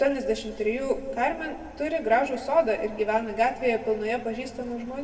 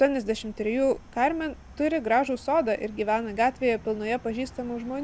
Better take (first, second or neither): second